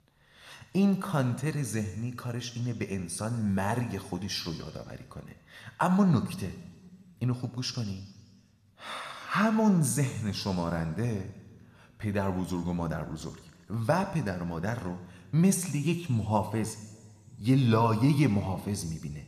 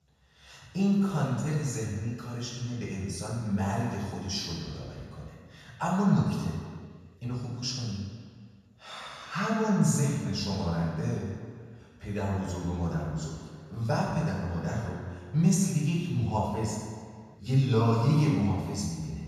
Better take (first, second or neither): first